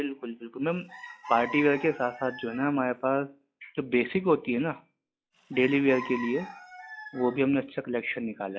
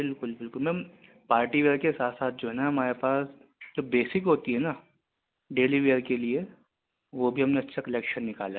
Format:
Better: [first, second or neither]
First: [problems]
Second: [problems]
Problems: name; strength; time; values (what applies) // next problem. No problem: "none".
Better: second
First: noise reduction (classical method log-MMSE)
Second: none